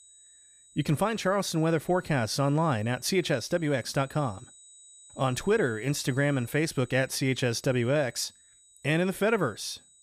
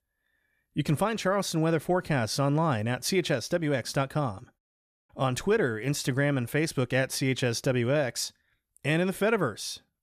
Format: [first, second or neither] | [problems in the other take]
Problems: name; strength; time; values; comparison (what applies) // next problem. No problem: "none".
second | high-pitched whine; faint; throughout; 8 kHz, 25 dB below the speech